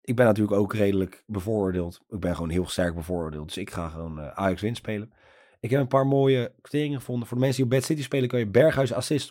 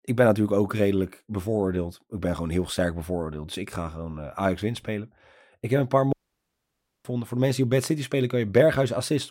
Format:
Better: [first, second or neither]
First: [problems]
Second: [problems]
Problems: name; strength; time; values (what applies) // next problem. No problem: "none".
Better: first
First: none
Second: audio cutting out; at 6 s for 1 s